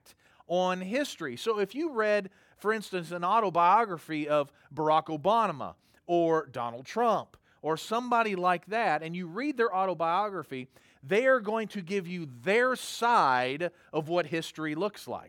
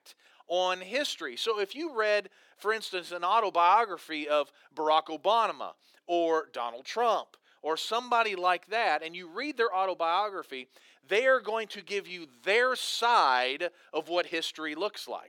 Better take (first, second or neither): first